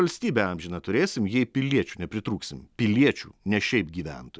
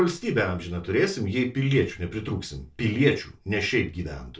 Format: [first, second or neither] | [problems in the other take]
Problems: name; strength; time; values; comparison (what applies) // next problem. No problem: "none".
first | room echo; dies away in 0.2 s